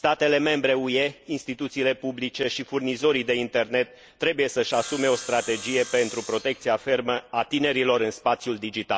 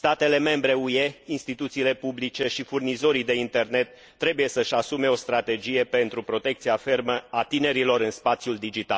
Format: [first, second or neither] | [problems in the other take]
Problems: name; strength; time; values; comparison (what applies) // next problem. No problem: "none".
second | background sound (Sawing); 14 dB below the speech